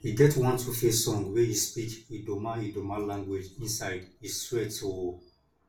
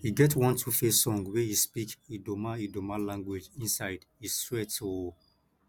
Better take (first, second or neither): second